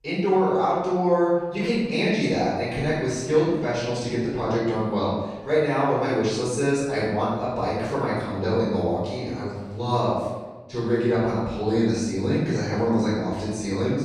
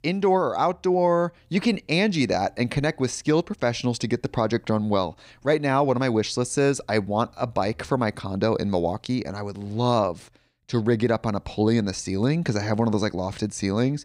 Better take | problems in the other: second | room echo; strong; dies away in 1 s // off-mic speech; far

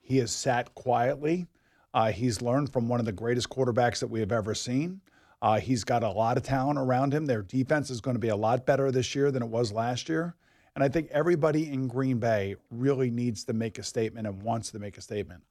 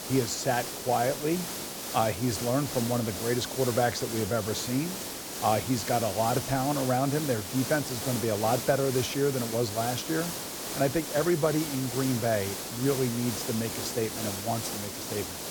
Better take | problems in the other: first | hiss; loud; throughout; 5 dB below the speech

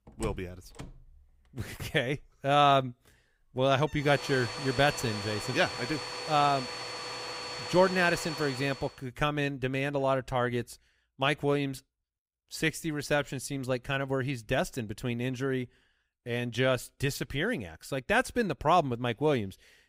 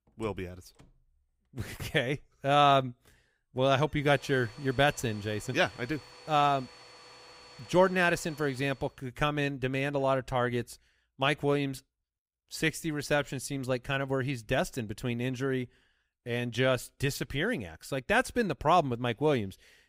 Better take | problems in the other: second | household noises; loud; until 8.5 s; 8 dB below the speech; faint in the second

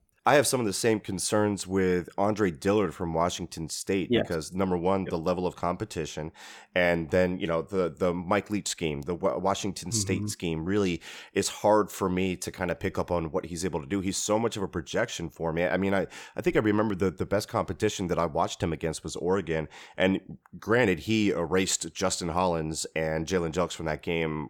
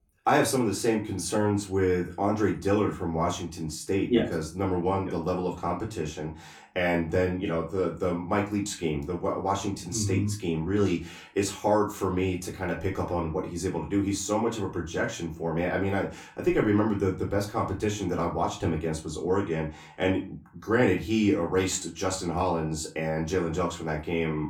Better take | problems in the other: first | off-mic speech; far // room echo; very slight; dies away in 0.3 s

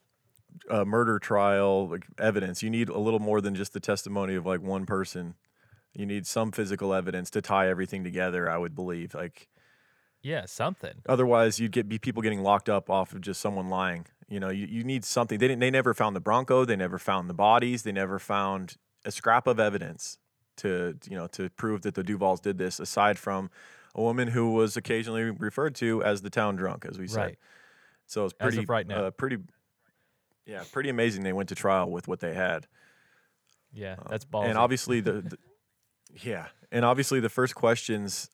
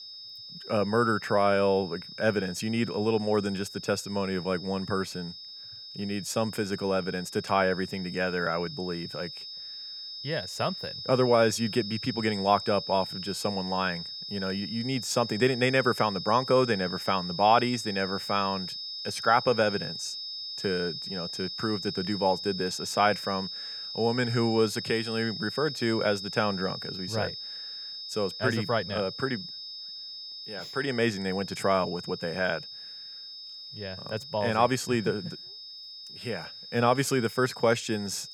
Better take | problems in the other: first | high-pitched whine; loud; throughout; 5 kHz, 9 dB below the speech

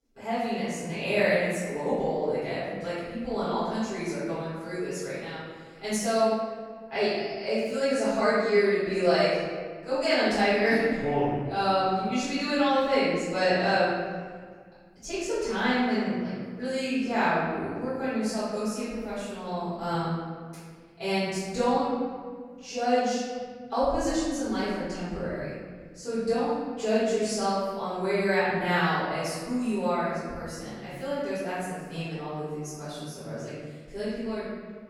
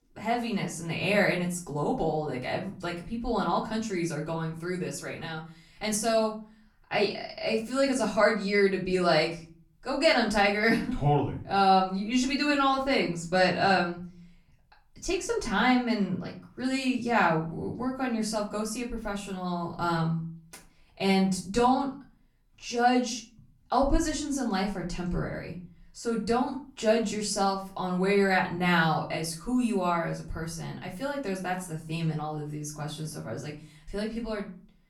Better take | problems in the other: second | room echo; strong; dies away in 1.5 s; slight in the second // off-mic speech; far; far in the second

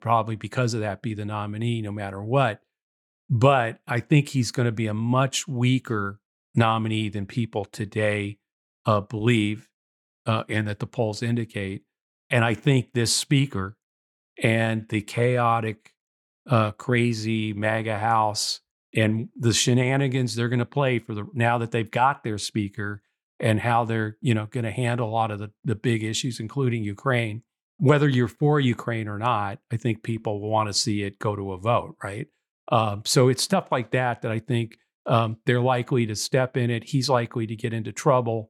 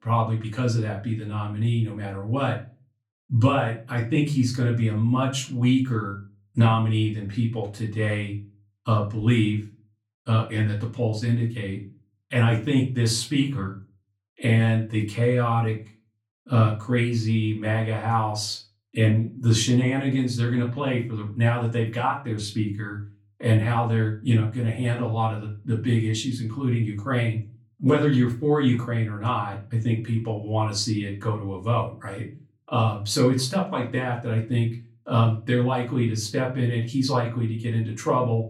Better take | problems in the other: first | off-mic speech; far // room echo; very slight; dies away in 0.3 s

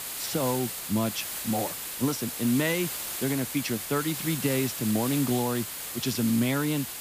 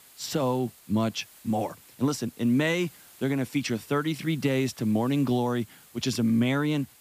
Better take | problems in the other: second | hiss; loud; throughout; 4 dB below the speech; faint in the second

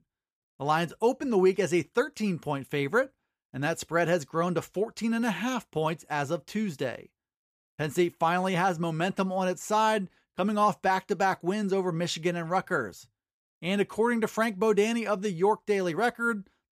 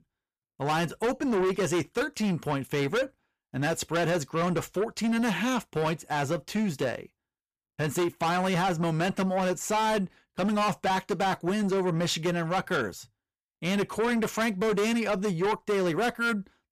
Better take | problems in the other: first | distortion; heavy; 7 dB below the speech

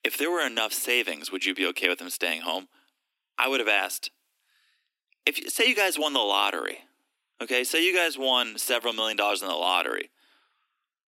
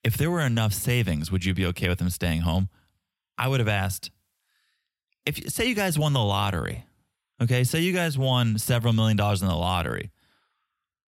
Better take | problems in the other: second | thin; very; fading below 250 Hz

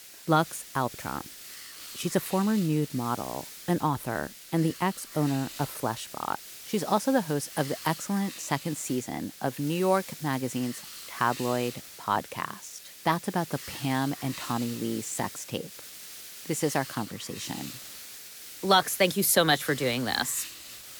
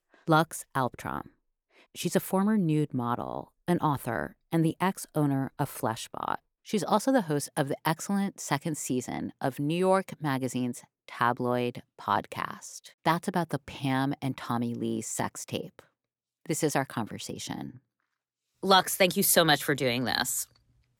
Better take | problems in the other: second | hiss; noticeable; throughout; 10 dB below the speech

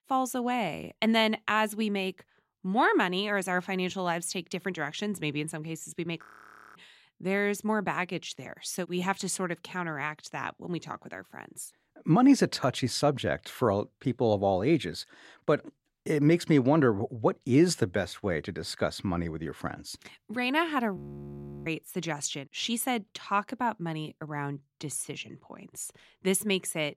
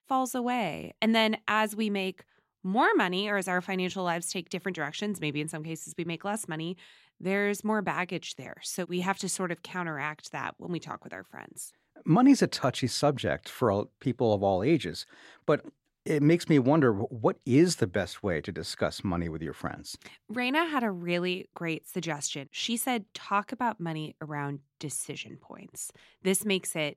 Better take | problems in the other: second | audio freezing; at 6 s for 0.5 s and at 21 s for 0.5 s

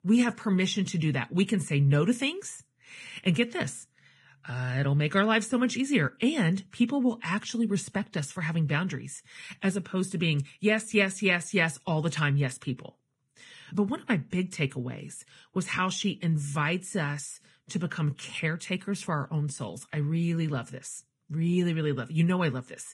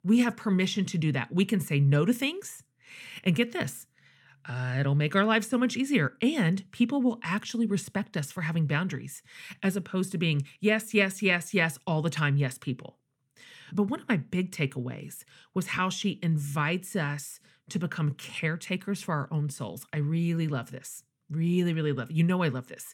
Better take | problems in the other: second | garbled, watery; badly; nothing above 10 kHz

